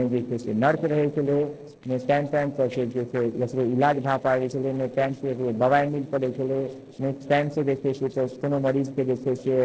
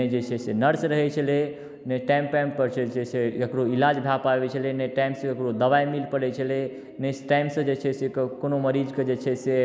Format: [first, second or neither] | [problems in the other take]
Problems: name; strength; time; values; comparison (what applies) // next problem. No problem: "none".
second | noise reduction (neural separator model SepFormer DNS4)